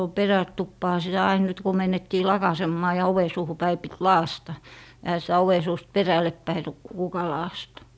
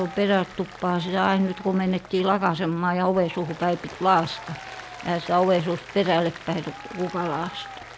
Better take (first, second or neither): first